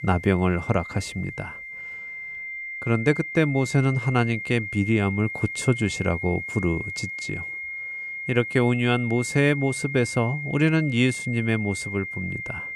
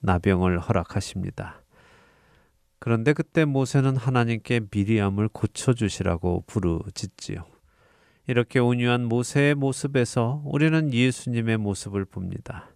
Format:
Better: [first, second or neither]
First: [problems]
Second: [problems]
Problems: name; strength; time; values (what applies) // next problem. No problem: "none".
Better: second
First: high-pitched whine; loud; throughout; 2 kHz, 7 dB below the speech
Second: none